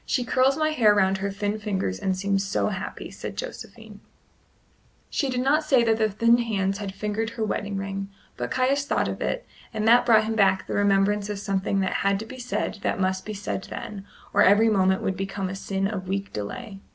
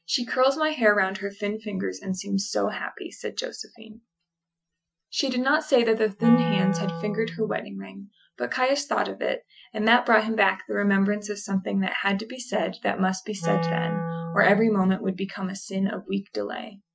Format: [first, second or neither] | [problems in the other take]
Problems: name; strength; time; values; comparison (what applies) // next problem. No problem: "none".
first | noise reduction (classical method Wiener filter)